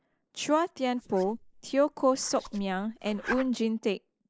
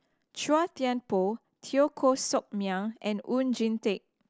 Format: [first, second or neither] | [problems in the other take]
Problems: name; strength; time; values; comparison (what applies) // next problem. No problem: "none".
second | noise reduction (neural mask model Resemble Enhance denoiser)